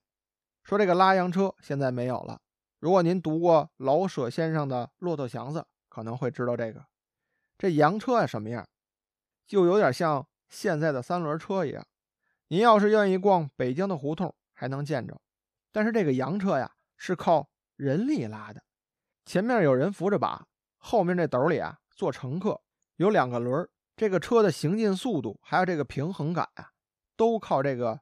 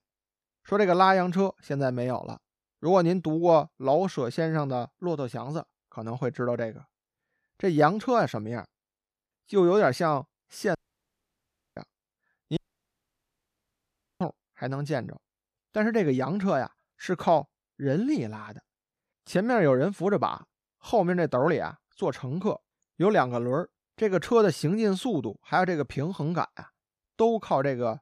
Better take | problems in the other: first | audio cutting out; at 11 s for 1 s and at 13 s for 1.5 s

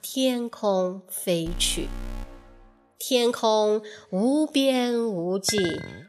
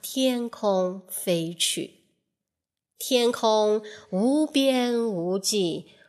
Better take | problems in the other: second | alarm; faint; from 1.5 to 2.5 s; peak 15 dB below the speech // clattering dishes; noticeable; at 5.5 s; peak 7 dB below the speech

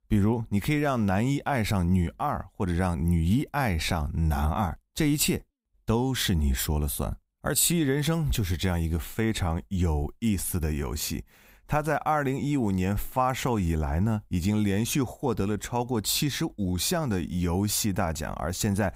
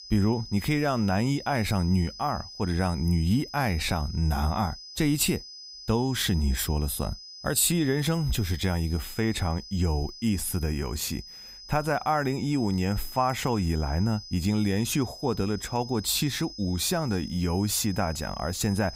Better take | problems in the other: first | high-pitched whine; noticeable; throughout; 5 kHz, 15 dB below the speech

